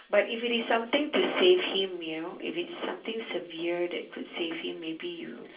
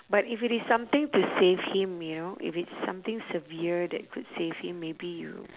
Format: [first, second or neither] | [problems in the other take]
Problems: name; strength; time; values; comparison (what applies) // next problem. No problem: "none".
second | room echo; dies away in 0.3 s